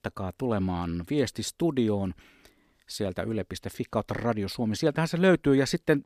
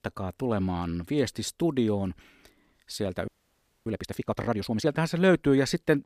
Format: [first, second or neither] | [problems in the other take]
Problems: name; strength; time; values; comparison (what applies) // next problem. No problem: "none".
first | audio freezing; at 3.5 s for 0.5 s